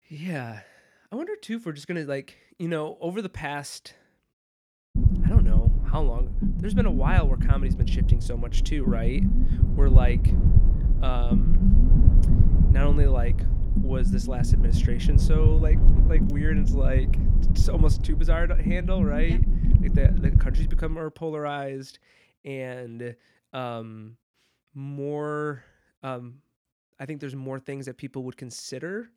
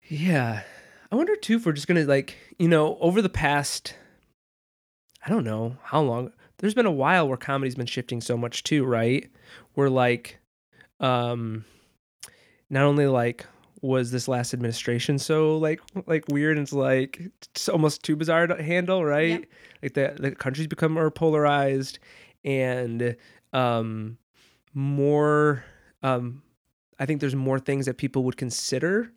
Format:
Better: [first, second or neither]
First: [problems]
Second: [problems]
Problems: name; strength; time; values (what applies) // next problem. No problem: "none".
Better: second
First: low rumble; loud; from 5 to 21 s; 3 dB below the speech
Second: none